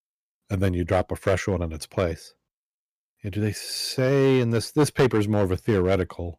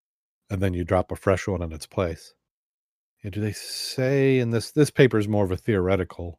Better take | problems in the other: second | distortion; slight; 3% of the sound clipped

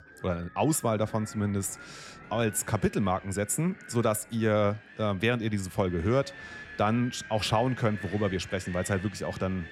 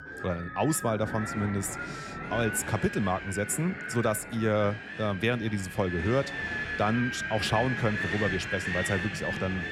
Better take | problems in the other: first | wind noise on the microphone; heavy; 2 dB below the speech; occasional gusts in the first

